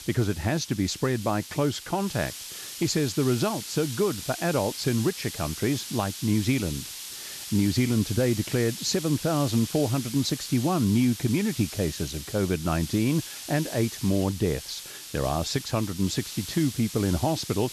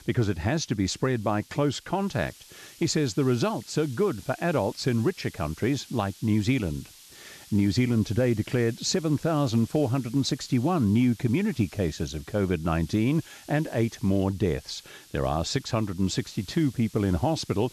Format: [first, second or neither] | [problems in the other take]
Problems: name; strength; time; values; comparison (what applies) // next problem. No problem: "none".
second | hiss; loud; throughout; 10 dB below the speech; faint in the second